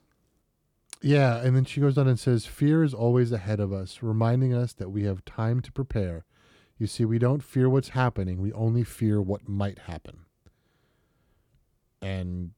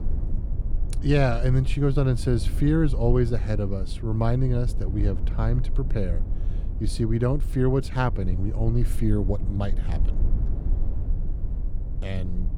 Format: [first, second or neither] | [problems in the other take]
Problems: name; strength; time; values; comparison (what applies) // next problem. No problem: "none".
first | low rumble; noticeable; throughout; 15 dB below the speech